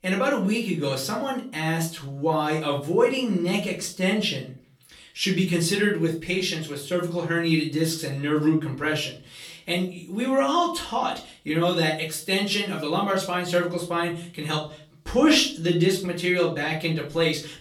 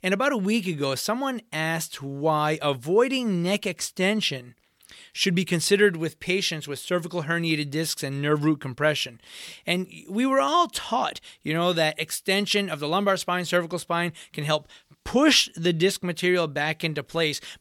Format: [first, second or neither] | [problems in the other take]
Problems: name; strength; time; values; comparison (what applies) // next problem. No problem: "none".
second | off-mic speech; far // room echo; slight; dies away in 0.3 s